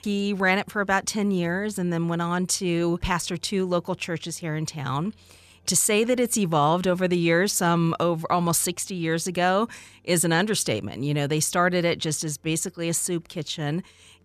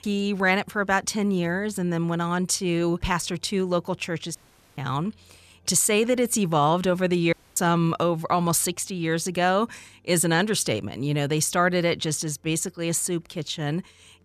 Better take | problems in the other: first | audio cutting out; at 4.5 s and at 7.5 s

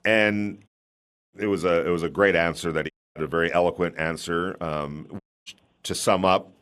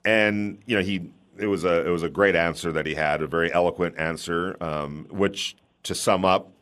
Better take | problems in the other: second | audio cutting out; at 0.5 s for 0.5 s, at 3 s and at 5 s

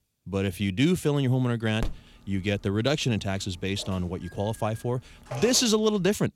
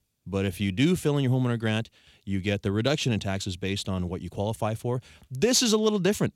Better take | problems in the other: second | phone ringing; faint; from 2 to 5.5 s; peak 10 dB below the speech

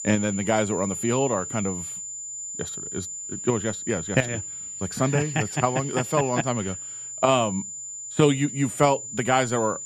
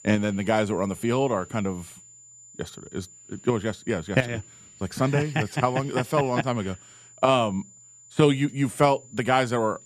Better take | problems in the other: second | high-pitched whine; loud; throughout; 7 kHz, 7 dB below the speech; faint in the second

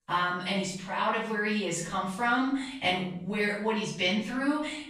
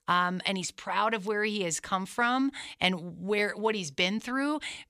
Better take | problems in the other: second | off-mic speech; far // room echo; noticeable; dies away in 0.6 s

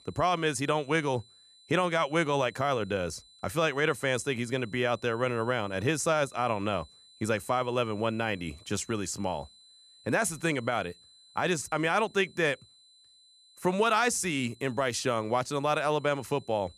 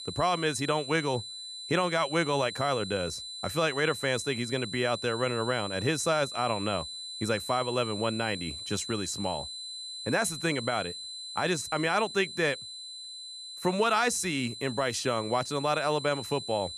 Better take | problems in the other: first | high-pitched whine; loud; throughout; 4 kHz, 8 dB below the speech; faint in the first

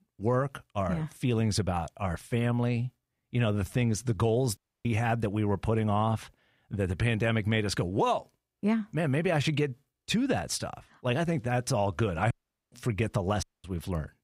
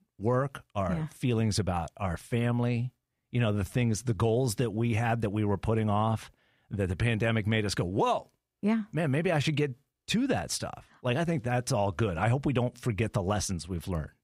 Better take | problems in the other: second | audio cutting out; at 4.5 s, at 12 s and at 13 s

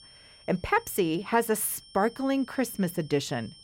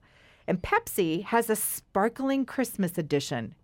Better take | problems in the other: second | high-pitched whine; faint; throughout; 5.5 kHz, 25 dB below the speech

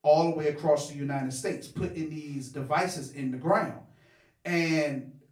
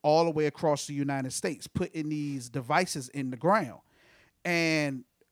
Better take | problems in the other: second | off-mic speech; far // room echo; slight; dies away in 0.3 s

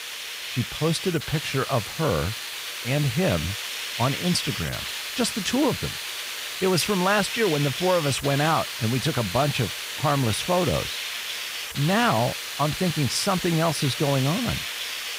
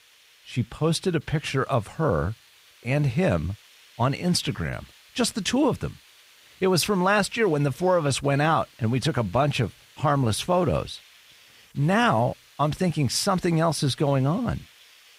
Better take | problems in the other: second | hiss; loud; throughout; 5 dB below the speech; faint in the second

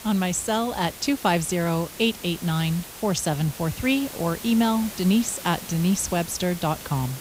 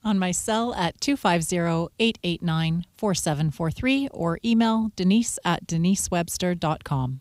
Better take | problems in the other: second | hiss; noticeable; throughout; 15 dB below the speech

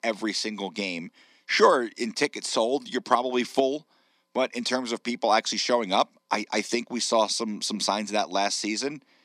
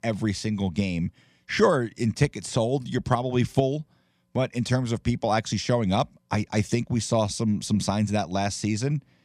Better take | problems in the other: second | thin; somewhat; fading below 250 Hz

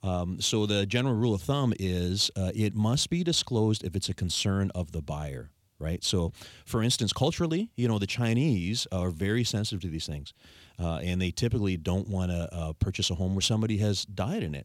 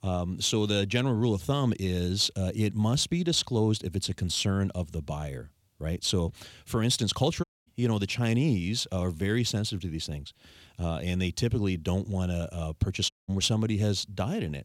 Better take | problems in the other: first | audio cutting out; at 7.5 s and at 13 s

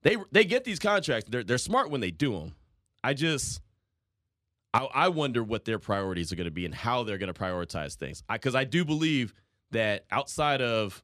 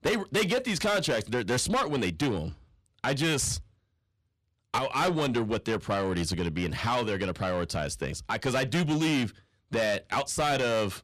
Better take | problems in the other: first | distortion; heavy; 6 dB below the speech

